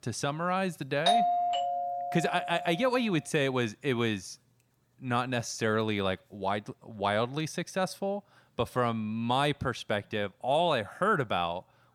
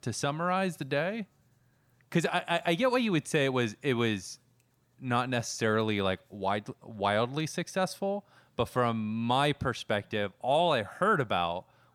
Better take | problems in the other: second | doorbell; loud; from 1 to 2.5 s; peak 5 dB above the speech

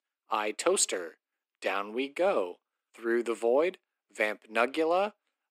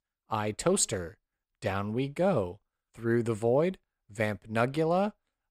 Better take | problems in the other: second | thin; somewhat; fading below 250 Hz

